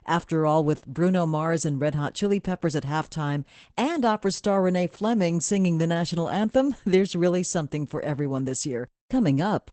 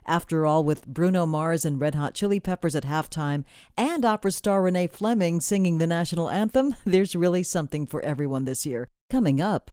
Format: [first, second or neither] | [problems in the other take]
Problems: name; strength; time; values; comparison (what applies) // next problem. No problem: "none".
second | garbled, watery; badly; nothing above 8 kHz; slightly in the second